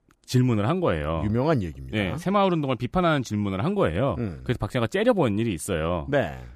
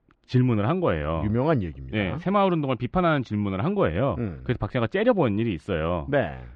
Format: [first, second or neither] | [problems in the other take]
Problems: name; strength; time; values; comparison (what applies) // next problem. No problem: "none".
first | muffled; slightly; fading above 3.5 kHz